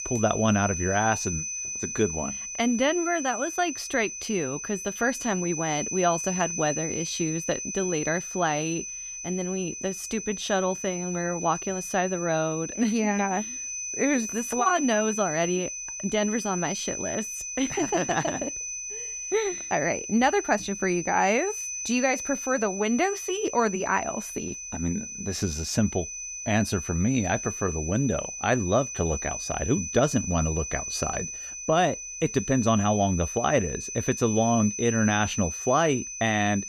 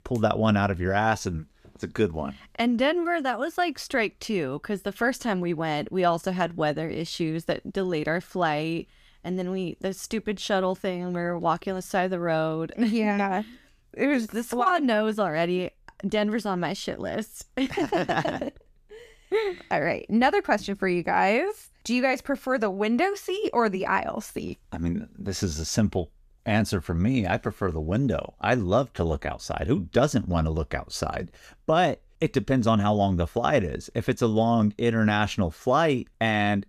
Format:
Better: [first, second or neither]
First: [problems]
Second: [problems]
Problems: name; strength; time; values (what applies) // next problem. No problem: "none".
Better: second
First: high-pitched whine; loud; throughout; 6 kHz, 5 dB below the speech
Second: none